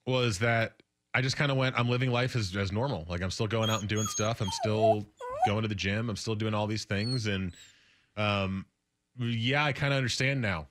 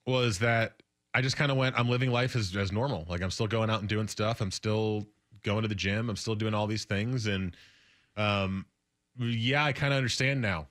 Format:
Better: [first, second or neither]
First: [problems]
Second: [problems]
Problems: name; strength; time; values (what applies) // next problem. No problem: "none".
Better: second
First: dog barking; loud; from 3.5 to 7 s; peak 2 dB above the speech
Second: none